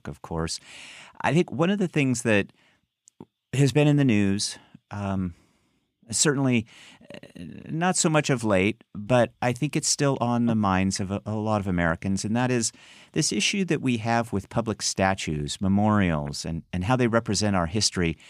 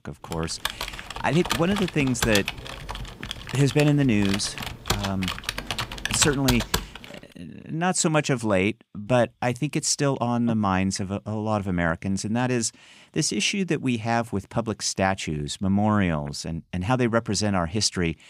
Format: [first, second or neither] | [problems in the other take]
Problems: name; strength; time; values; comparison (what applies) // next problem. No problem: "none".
first | keyboard typing; noticeable; until 7 s; peak level with the speech